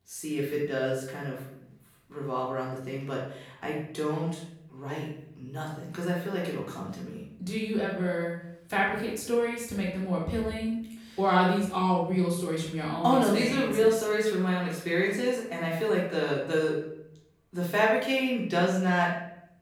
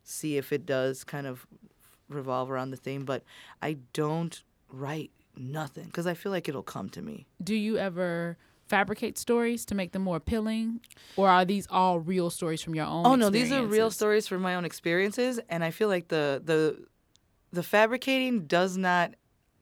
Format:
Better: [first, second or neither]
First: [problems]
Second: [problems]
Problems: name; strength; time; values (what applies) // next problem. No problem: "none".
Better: second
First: off-mic speech; far // room echo; noticeable; dies away in 0.6 s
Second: none